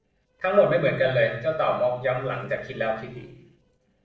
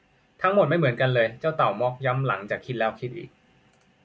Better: second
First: noise reduction (neural separator model SepFormer DNS4)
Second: none

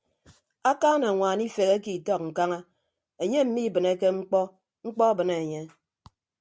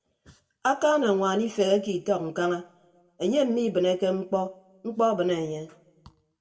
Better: first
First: none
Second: room echo; dies away in 0.5 s

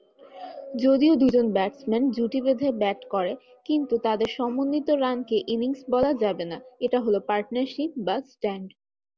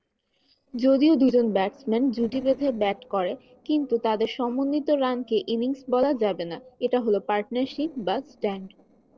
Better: first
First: none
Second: noise reduction (neural separator model SepFormer DNS4)

